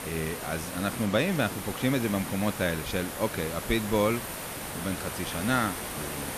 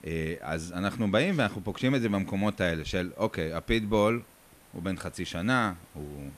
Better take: second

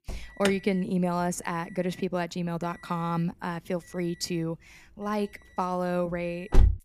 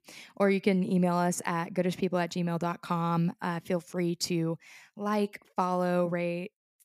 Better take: second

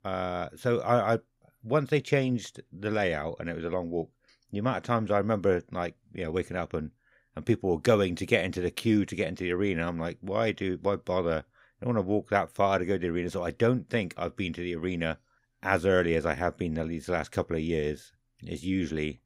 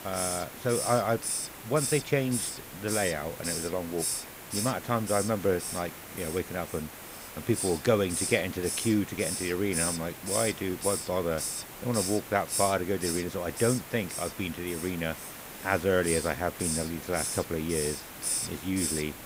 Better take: first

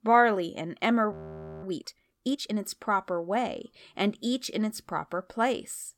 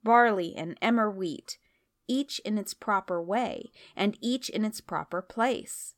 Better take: second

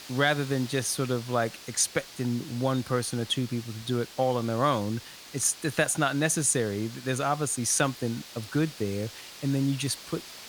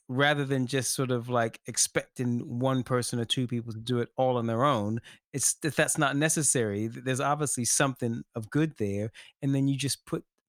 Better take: second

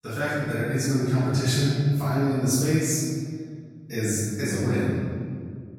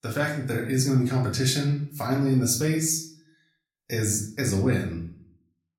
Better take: second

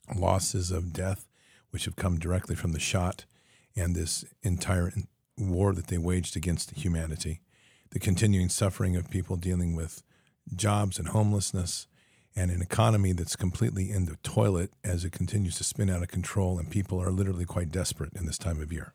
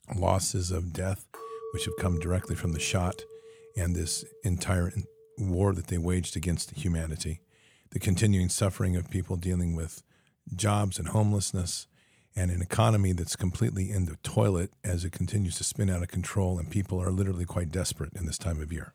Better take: first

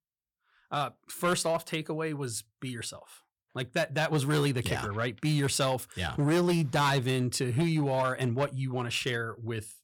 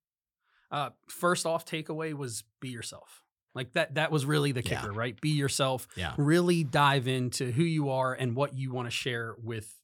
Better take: second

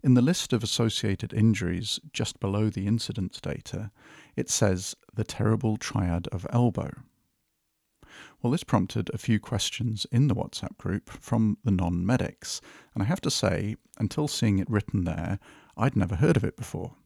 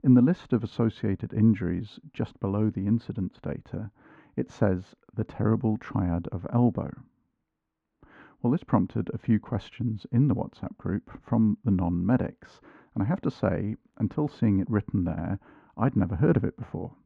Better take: first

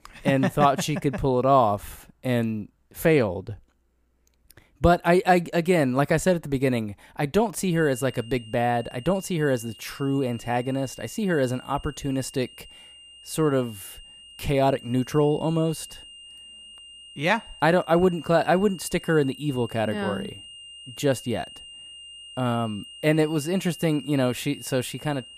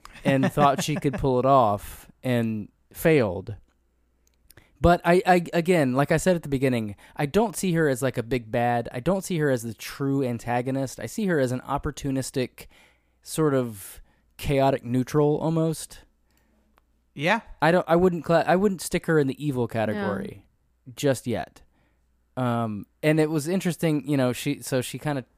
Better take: second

